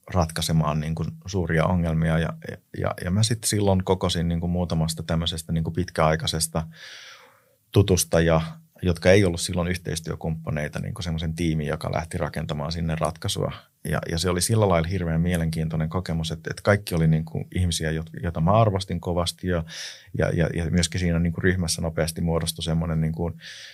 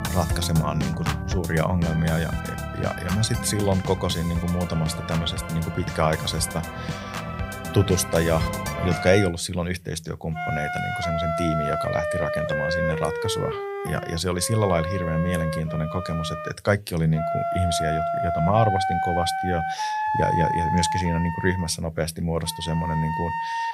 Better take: first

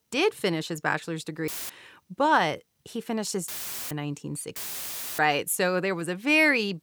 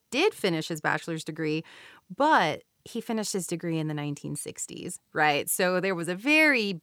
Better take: second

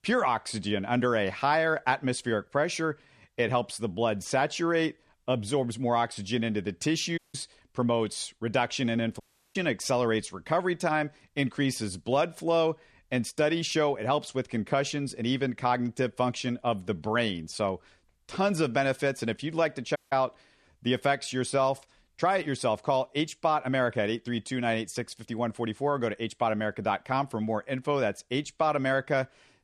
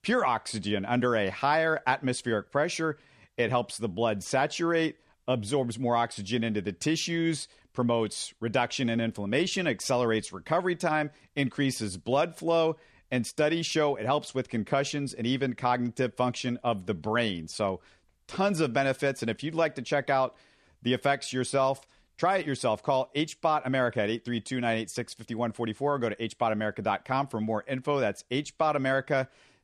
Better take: second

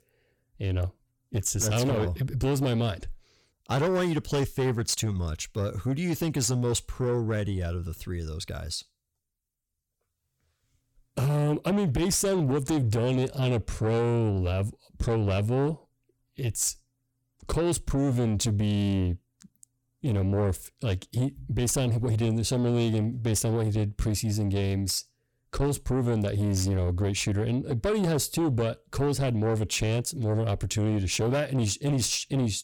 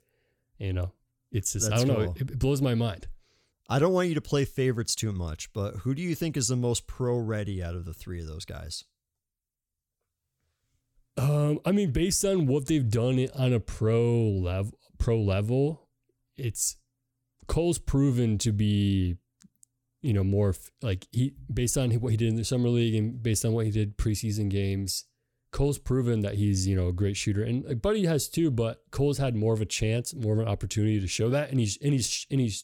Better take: second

